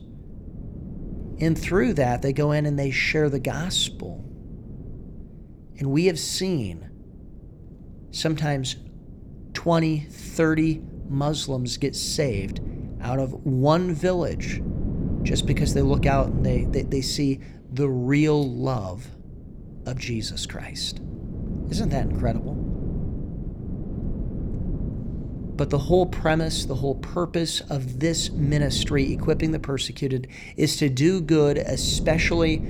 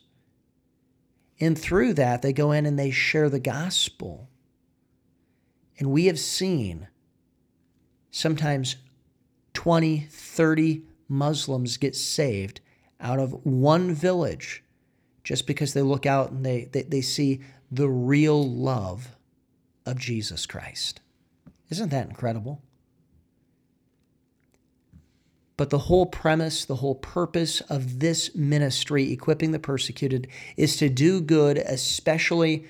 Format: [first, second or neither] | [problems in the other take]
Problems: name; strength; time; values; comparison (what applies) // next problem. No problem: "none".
second | wind noise on the microphone; occasional gusts; 15 dB below the speech